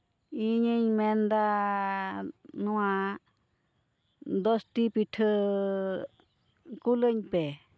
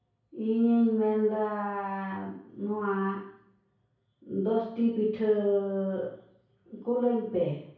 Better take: first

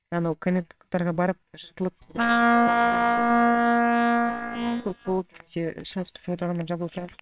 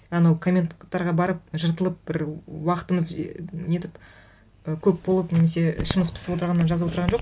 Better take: second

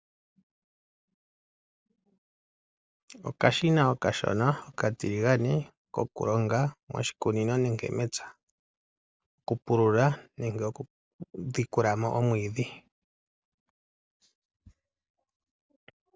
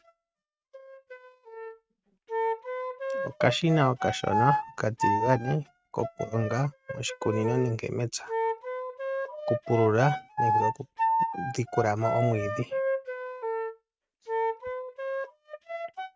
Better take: first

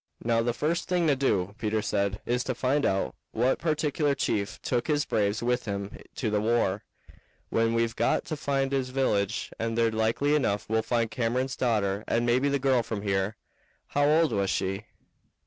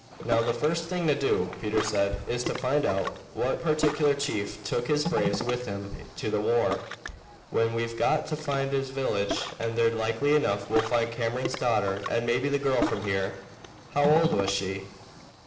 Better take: first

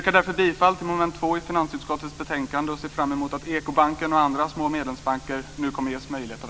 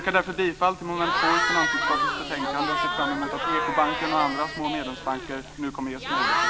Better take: first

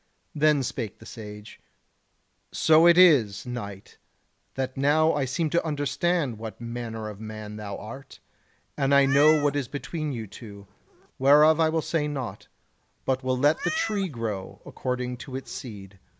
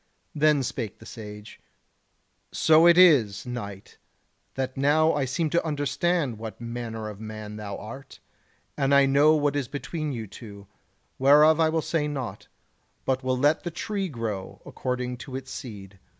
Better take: second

